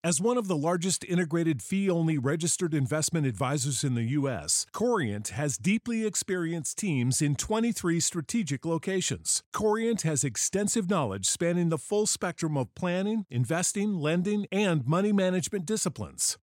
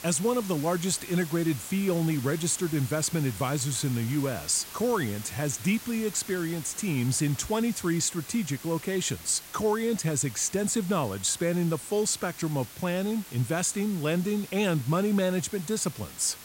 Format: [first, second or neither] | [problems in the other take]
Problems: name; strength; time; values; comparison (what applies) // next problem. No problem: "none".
first | hiss; noticeable; throughout; 15 dB below the speech